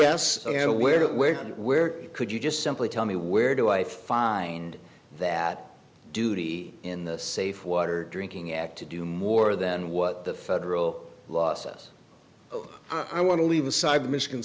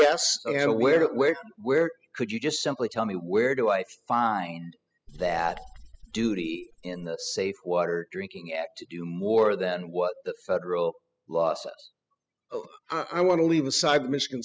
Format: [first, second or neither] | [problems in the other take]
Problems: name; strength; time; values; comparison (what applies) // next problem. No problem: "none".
first | noise reduction (classical method spectral subtraction)